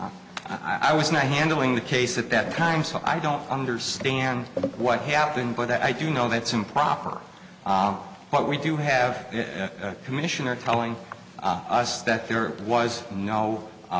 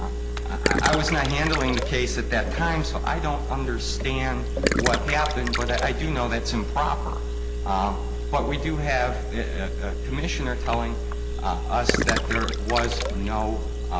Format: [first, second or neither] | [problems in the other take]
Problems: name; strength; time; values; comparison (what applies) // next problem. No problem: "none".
first | background sound (Engine + Gurgling); 1 dB above the speech